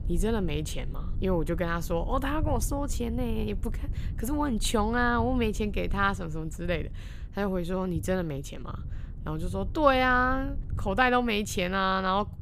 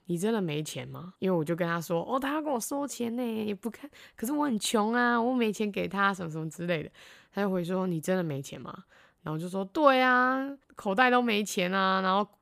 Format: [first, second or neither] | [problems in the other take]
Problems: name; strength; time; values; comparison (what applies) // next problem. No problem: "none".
second | low rumble; faint; throughout; 25 dB below the speech